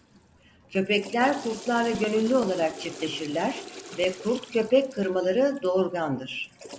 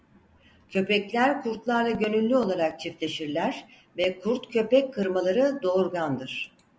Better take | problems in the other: second | background sound (Toilet flush / Water); 17 dB below the speech

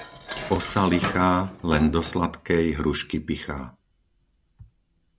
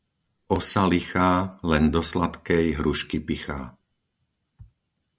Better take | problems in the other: second | background sound (Dishes, pots, and pans); 12 dB below the speech

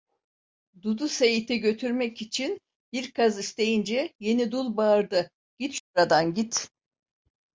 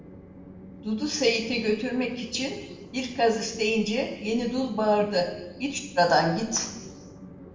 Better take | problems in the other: first | background sound (Train); 17 dB below the speech // room echo; dies away in 1 s

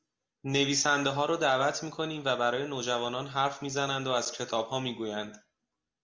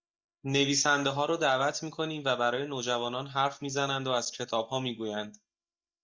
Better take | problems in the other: first | noise reduction (neural mask model DeepFilterNet 3)

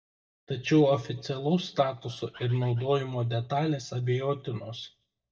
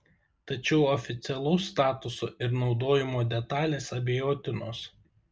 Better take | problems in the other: second | noise reduction (neural mask model DeepFilterNet 3)

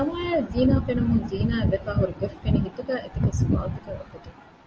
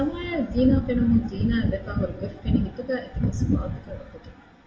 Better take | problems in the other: first | room echo; dies away in 0.5 s

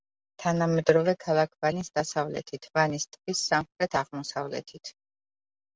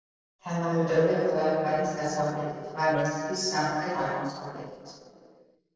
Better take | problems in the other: first | noise reduction (neural separator model SepFormer DNS4)

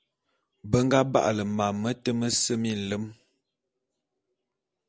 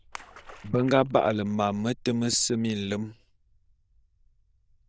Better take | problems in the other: first | noise reduction (neural diffusion model UNIVERSE++)

